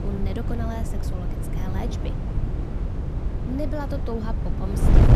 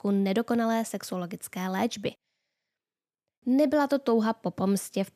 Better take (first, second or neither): second